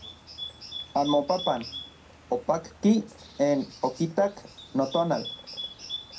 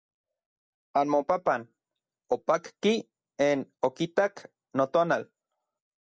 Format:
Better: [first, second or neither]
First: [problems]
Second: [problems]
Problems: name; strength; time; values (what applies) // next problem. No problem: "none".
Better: second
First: background sound (Bird); 13 dB below the speech // room echo; dies away in 0.2 s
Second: none